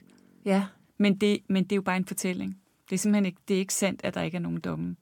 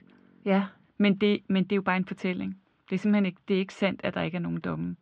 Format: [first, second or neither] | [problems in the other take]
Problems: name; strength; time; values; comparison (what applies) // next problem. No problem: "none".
first | muffled; very; fading above 3.5 kHz